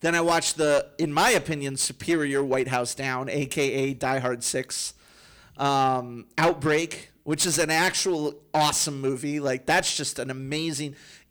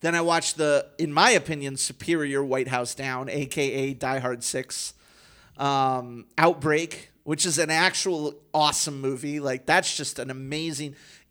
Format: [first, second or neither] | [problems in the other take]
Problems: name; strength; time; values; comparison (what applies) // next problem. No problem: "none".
second | distortion; slight; 5% of the sound clipped